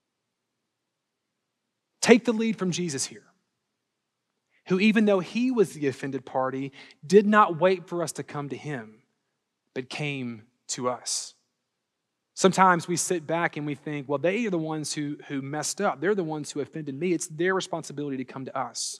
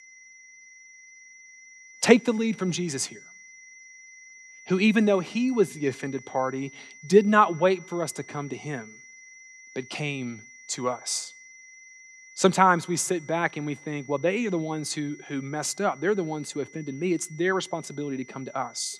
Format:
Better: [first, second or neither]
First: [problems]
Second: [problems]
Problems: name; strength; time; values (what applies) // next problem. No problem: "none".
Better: first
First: none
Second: high-pitched whine; faint; throughout; 2 kHz, 20 dB below the speech